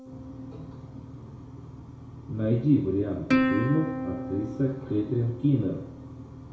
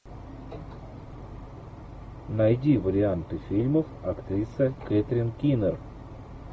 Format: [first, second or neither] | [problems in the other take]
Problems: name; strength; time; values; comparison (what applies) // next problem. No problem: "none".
second | background sound (Plucked string instrument); 5 dB below the speech // room echo; dies away in 0.6 s